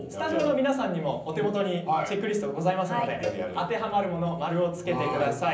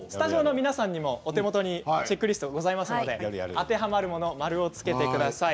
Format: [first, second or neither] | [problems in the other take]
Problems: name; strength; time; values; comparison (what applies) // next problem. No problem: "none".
second | background sound (Cowbell); 18 dB below the speech // room echo; dies away in 0.6 s